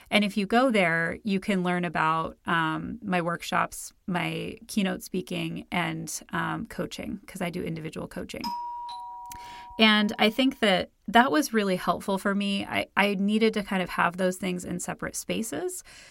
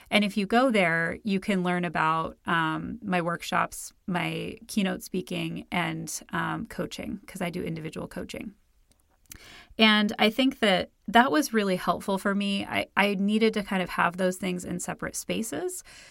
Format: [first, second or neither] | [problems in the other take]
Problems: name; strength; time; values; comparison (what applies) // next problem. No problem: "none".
second | doorbell; noticeable; from 8.5 to 10 s; peak 7 dB below the speech